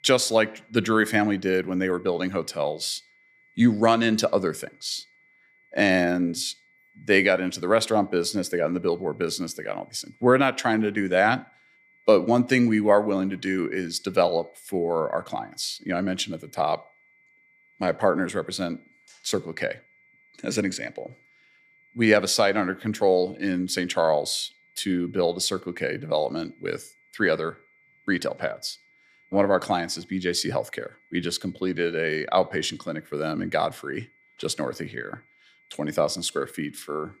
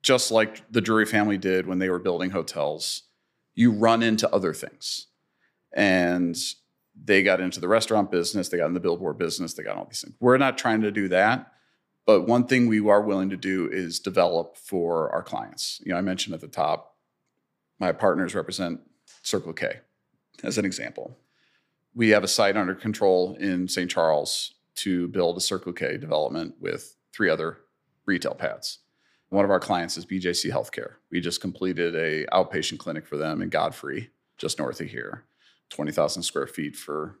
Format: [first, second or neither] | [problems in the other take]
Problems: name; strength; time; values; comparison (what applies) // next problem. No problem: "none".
second | high-pitched whine; faint; throughout; 2 kHz, 35 dB below the speech